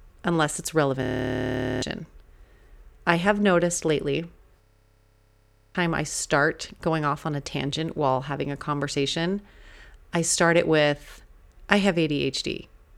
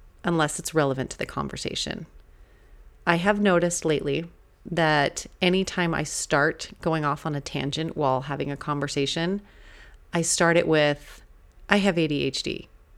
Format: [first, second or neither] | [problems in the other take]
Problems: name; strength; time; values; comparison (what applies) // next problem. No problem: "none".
second | audio freezing; at 1 s for 1 s and at 4.5 s for 1 s